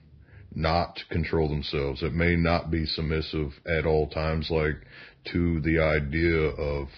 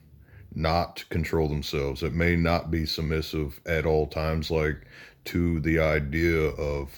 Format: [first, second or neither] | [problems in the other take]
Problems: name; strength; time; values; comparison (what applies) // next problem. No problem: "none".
second | garbled, watery; badly